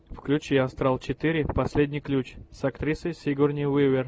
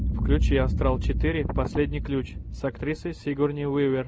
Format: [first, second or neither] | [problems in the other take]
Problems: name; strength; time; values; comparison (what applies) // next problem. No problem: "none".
first | background sound (Boom); 1 dB below the speech